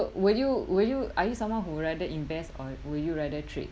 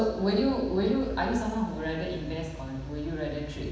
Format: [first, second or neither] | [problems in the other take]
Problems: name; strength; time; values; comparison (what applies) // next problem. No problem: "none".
first | room echo; dies away in 1.1 s